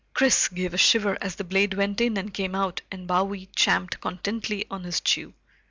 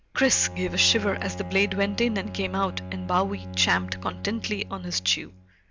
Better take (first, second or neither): first